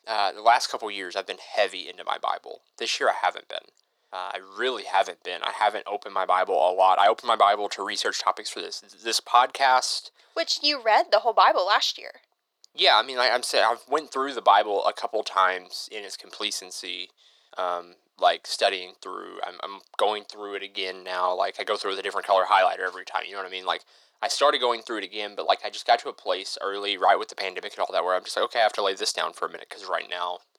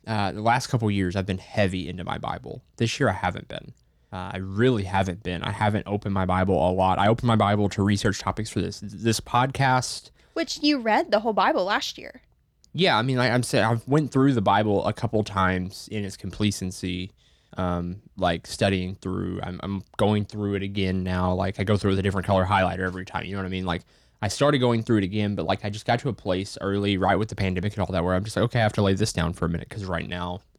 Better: second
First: thin; very; fading below 450 Hz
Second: none

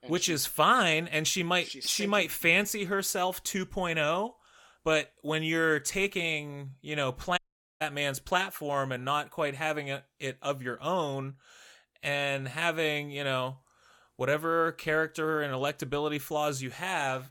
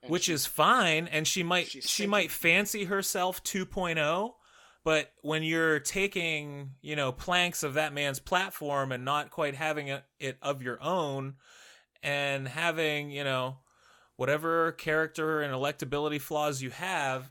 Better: second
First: audio cutting out; at 7.5 s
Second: none

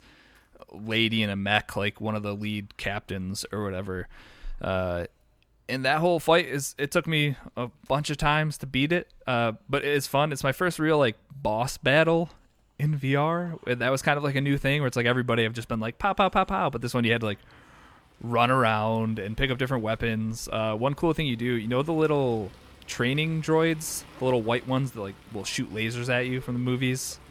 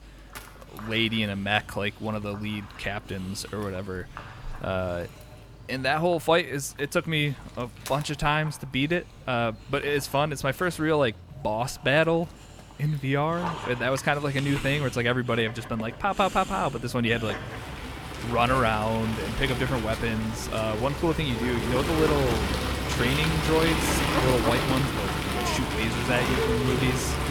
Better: first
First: animal sounds; faint; throughout; 25 dB below the speech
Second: animal sounds; loud; throughout; 3 dB below the speech

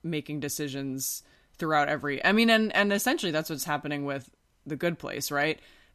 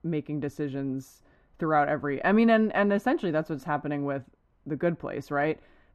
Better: first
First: none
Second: muffled; very; fading above 2.5 kHz

